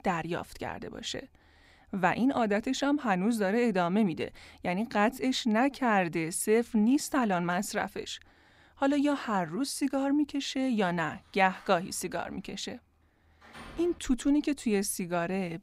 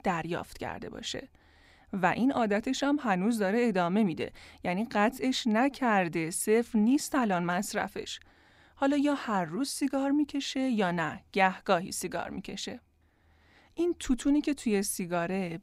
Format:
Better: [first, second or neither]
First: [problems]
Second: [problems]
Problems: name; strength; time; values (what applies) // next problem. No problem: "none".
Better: second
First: door banging; faint; from 12 to 14 s; peak 20 dB below the speech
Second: none